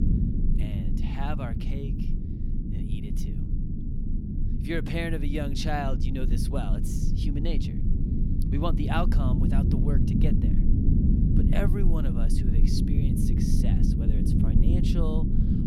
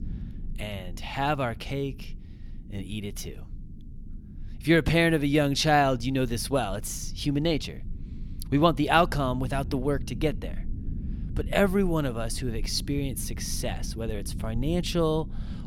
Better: second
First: low rumble; loud; throughout; 1 dB below the speech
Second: low rumble; faint; throughout; 25 dB below the speech

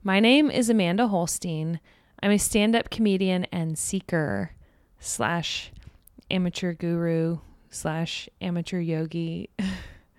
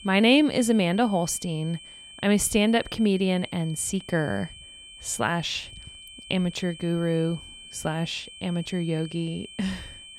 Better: first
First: none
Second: high-pitched whine; noticeable; throughout; 3 kHz, 15 dB below the speech

